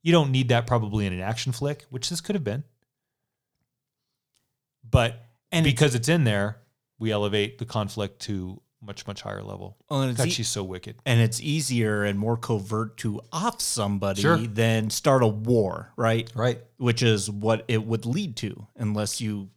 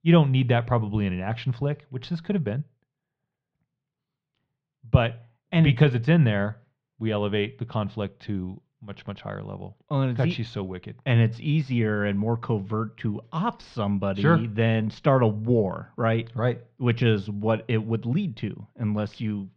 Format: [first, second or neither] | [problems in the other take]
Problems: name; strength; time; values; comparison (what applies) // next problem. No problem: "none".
first | muffled; very; fading above 3 kHz